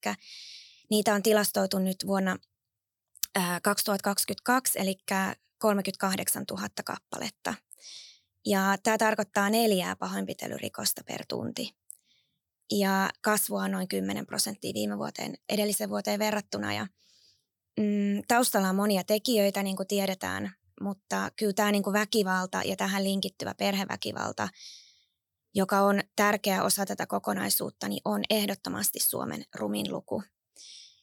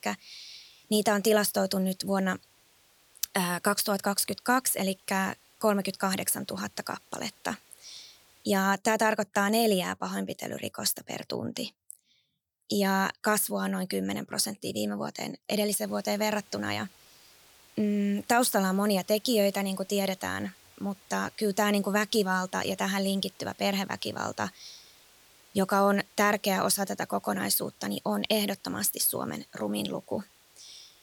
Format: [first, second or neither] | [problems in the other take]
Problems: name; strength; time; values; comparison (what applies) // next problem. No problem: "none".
first | hiss; faint; until 8.5 s and from 16 s on; 30 dB below the speech